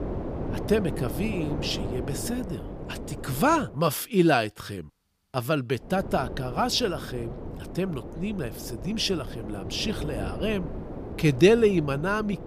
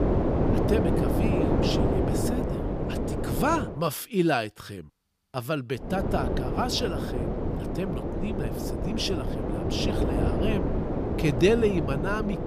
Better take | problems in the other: first | wind noise on the microphone; heavy; until 3.5 s and from 6 s on; 2 dB below the speech; occasional gusts in the first

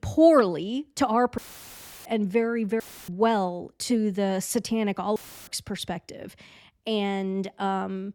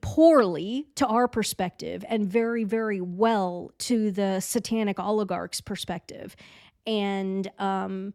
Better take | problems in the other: second | audio cutting out; filled with static; at 1.5 s for 0.5 s, at 3 s and at 5 s

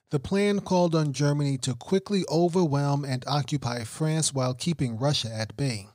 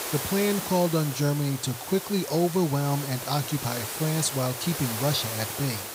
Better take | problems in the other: first | hiss; loud; throughout; 5 dB below the speech

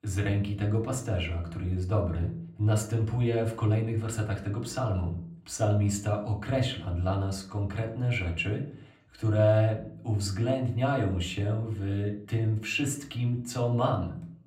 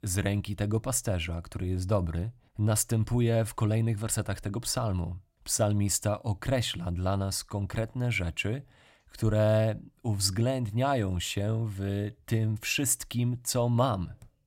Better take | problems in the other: second | room echo; slight; dies away in 0.6 s // off-mic speech; far

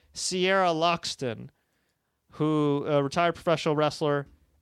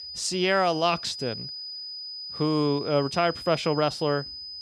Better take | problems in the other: first | high-pitched whine; loud; throughout; 5 kHz, 10 dB below the speech

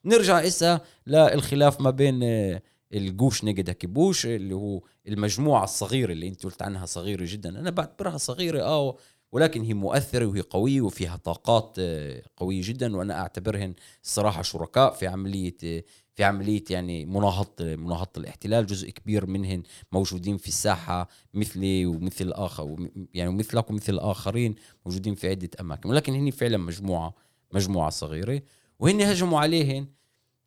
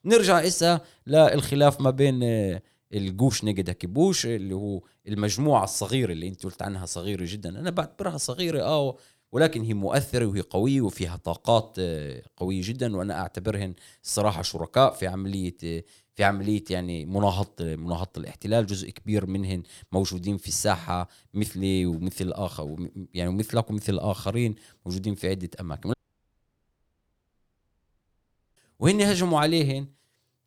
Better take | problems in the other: first | audio cutting out; at 26 s for 2.5 s

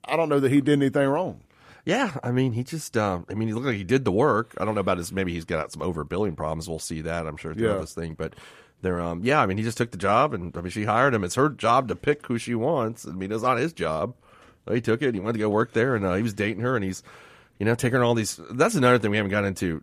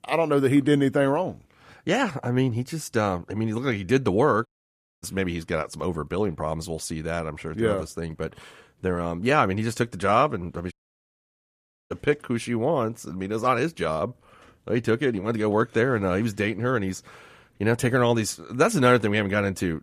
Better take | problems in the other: first | audio cutting out; at 4.5 s for 0.5 s and at 11 s for 1 s

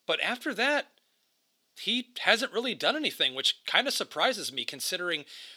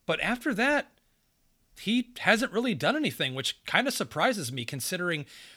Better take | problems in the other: second | thin; very slightly; fading below 400 Hz

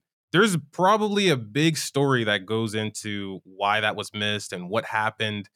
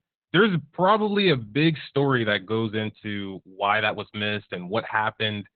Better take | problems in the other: first | garbled, watery; badly; nothing above 4 kHz

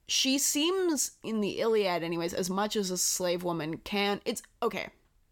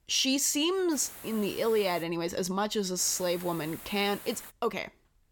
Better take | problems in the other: first | hiss; noticeable; from 1 to 2 s and from 3 to 4.5 s; 15 dB below the speech

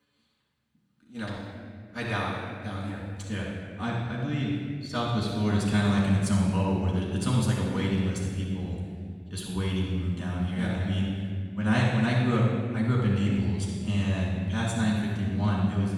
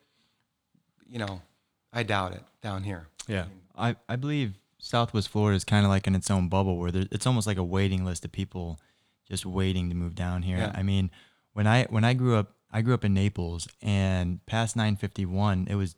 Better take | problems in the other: second | off-mic speech; far // room echo; strong; dies away in 1.8 s

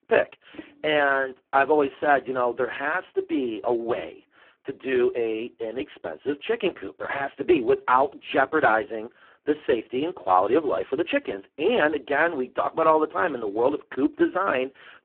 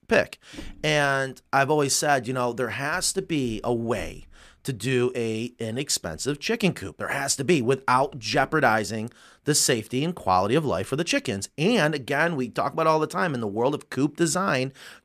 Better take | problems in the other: second | phone-call audio; poor line

